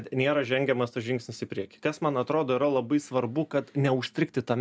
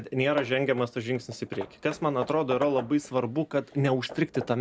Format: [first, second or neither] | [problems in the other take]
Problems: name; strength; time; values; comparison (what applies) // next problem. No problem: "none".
first | background sound (Hammer / Wood); 15 dB below the speech